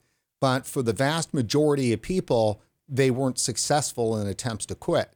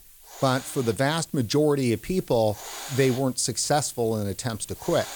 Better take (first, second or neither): first